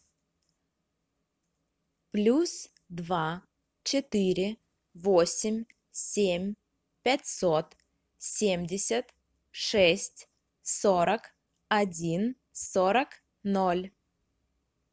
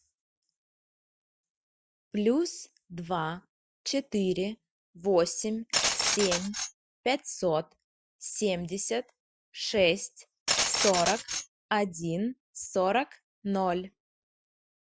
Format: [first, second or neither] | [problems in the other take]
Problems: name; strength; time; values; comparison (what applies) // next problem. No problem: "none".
first | noise reduction (classical method Wiener filter)